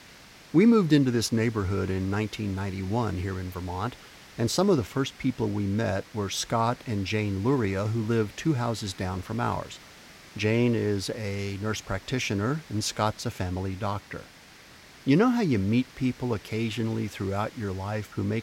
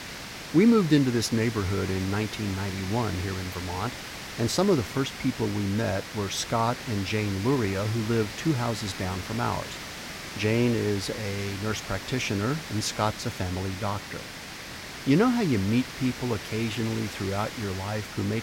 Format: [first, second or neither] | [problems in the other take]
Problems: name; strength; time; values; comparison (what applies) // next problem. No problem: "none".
first | hiss; loud; throughout; 9 dB below the speech; faint in the first